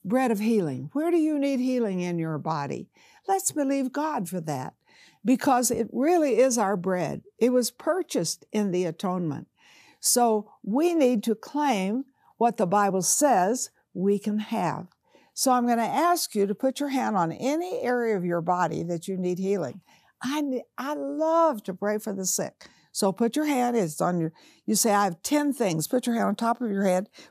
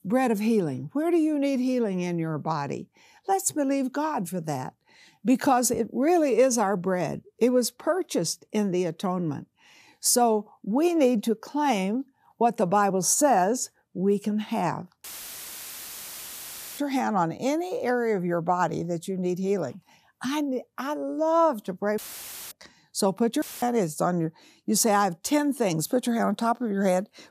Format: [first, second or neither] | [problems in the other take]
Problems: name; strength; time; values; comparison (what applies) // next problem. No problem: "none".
first | audio cutting out; filled with static; at 15 s for 1.5 s, at 22 s for 0.5 s and at 23 s